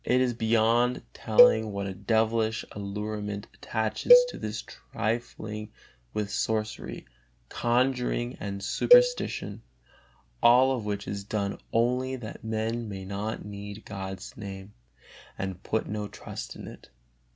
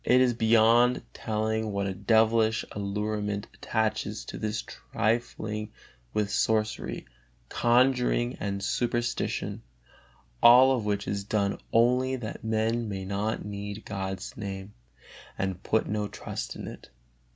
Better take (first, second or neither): second